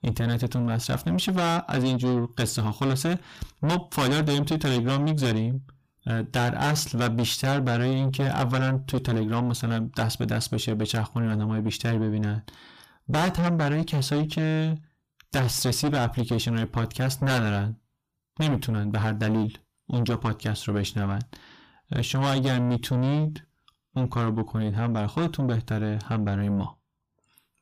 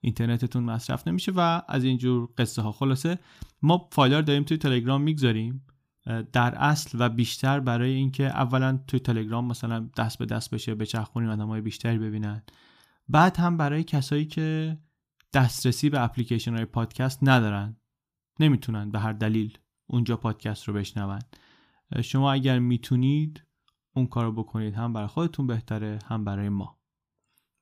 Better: second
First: distortion; heavy; 5 dB below the speech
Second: none

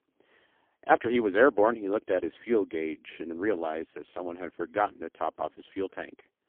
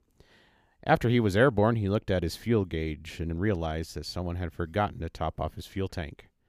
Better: second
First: phone-call audio; poor line; nothing above 3.5 kHz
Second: none

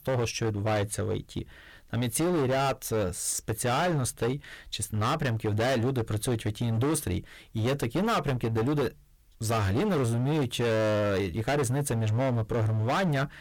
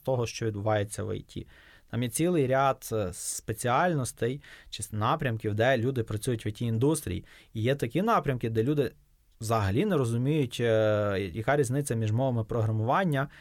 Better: second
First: distortion; heavy; 23% of the sound clipped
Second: none

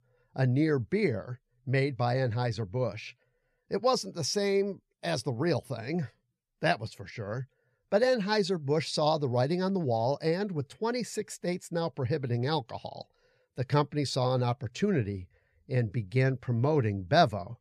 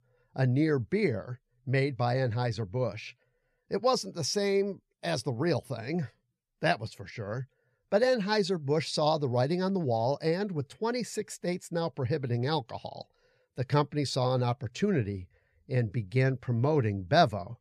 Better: neither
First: none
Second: none

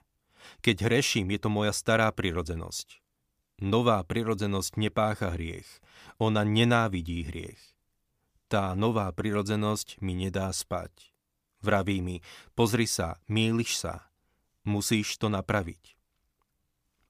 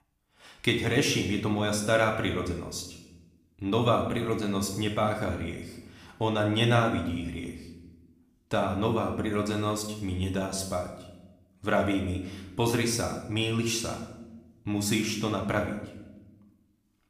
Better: first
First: none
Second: room echo; slight; dies away in 0.8 s // off-mic speech; somewhat distant

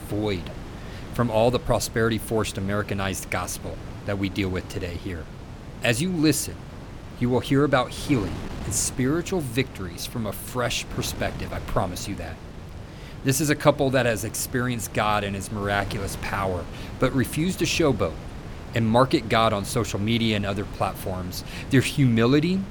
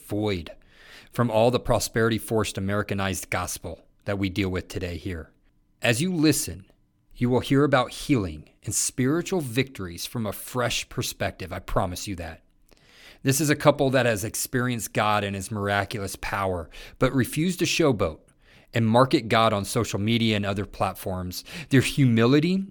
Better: second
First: wind noise on the microphone; occasional gusts; 15 dB below the speech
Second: none

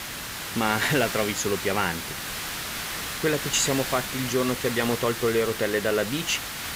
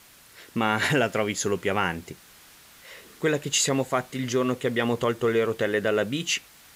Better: second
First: hiss; loud; throughout; 5 dB below the speech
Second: hiss; faint; throughout; 25 dB below the speech

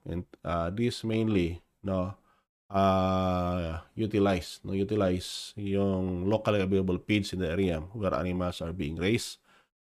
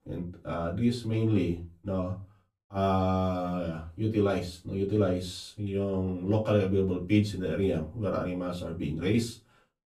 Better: first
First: none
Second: off-mic speech; far // room echo; very slight; dies away in 0.3 s

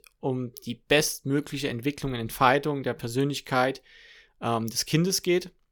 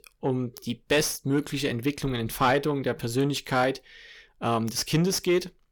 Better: first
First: none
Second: distortion; slight; 10 dB below the speech

